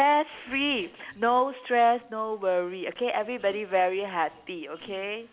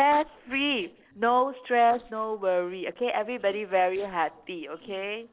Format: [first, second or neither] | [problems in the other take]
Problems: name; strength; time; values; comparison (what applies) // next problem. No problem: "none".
first | noise reduction (neural separator model SepFormer DNS4)